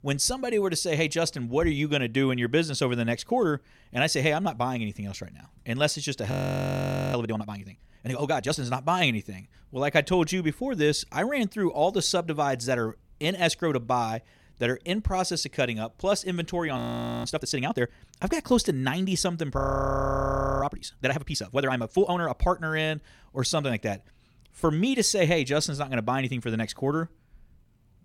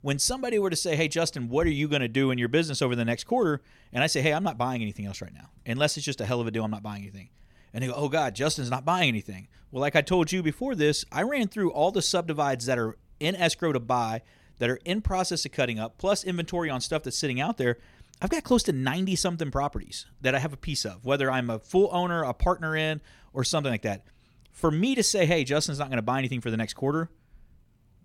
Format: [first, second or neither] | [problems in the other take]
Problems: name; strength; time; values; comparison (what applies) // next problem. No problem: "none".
second | audio freezing; at 6.5 s for 1 s, at 17 s and at 20 s for 1 s